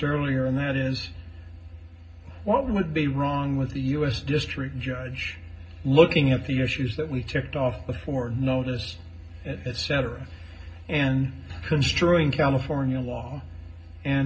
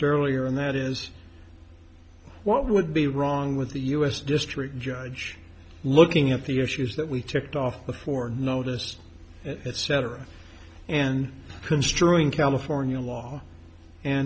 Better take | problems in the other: second | room echo; dies away in 0.4 s

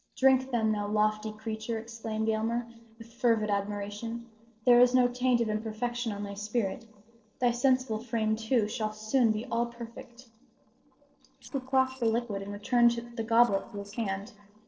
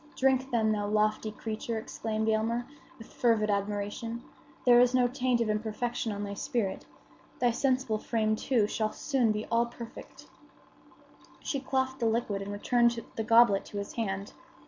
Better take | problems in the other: second | noise reduction (neural separator model SepFormer DNS4)

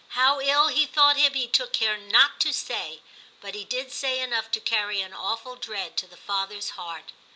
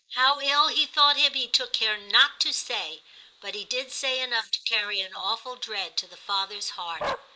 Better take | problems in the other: first | noise reduction (neural mask model Resemble Enhance denoiser)

